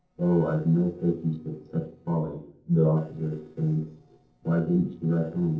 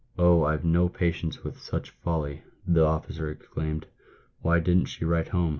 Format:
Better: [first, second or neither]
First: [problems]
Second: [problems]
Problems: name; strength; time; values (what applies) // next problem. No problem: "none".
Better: second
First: noise reduction (neural separator model SepFormer DNS4)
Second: none